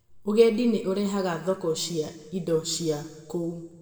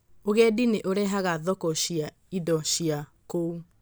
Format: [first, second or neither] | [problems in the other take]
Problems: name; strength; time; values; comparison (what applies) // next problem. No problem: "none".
second | room echo; dies away in 1.1 s